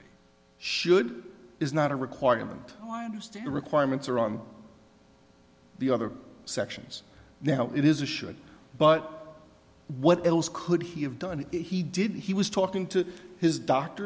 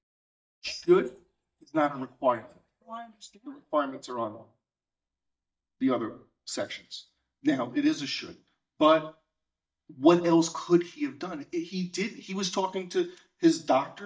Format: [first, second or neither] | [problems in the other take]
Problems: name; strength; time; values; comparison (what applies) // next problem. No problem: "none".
first | noise reduction (neural mask model DeepFilterNet 3)